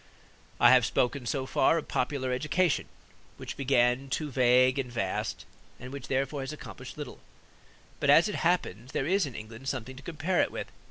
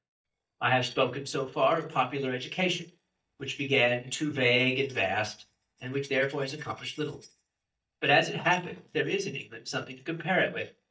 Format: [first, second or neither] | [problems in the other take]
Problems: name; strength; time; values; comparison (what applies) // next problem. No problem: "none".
first | noise reduction (neural mask model DeepFilterNet 3)